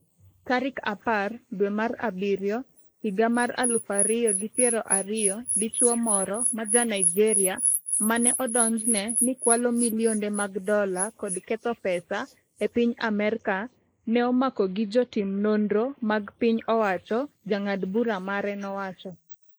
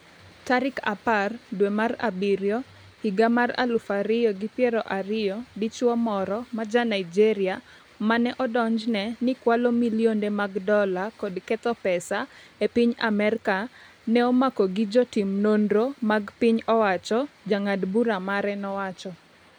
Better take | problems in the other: second | noise reduction (neural mask model Resemble Enhance denoiser)

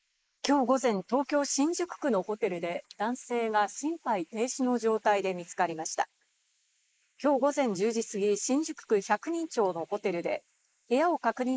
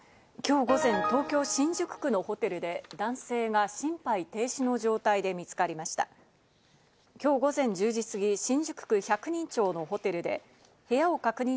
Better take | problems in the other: second | noise reduction (neural mask model Resemble Enhance denoiser)

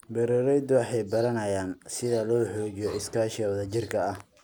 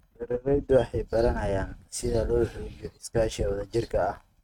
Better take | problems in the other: first | noise reduction (neural mask model RNNoise)

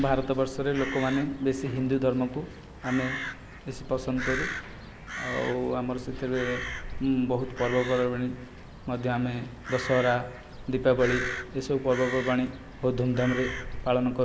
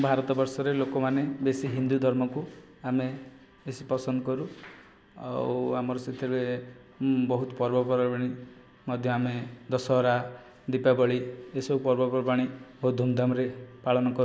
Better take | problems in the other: second | background sound (Crow); 9 dB below the speech

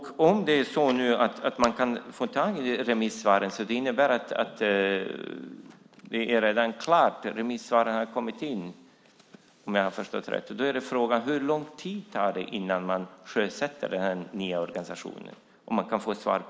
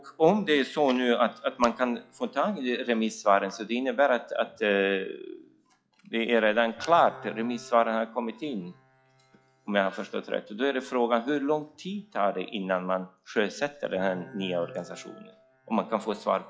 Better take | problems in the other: first | noise reduction (classical method log-MMSE)

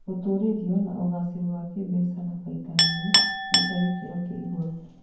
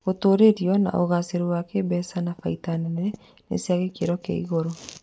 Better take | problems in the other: second | background sound (Chink, clink); 1 dB below the speech // room echo; dies away in 0.9 s

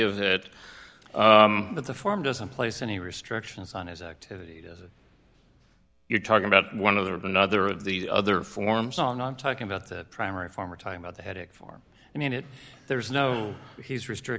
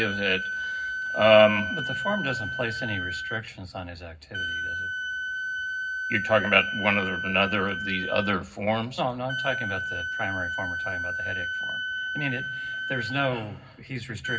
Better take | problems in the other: first | background sound (Wind instrument, woodwind instrument); 4 dB below the speech // room echo; dies away in 0.4 s

